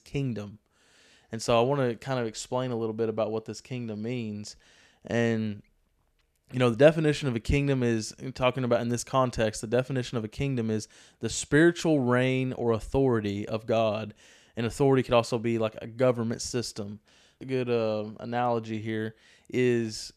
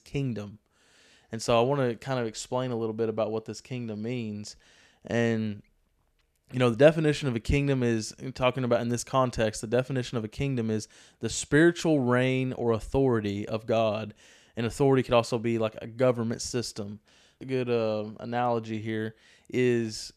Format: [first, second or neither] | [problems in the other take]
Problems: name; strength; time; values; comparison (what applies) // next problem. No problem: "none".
neither | none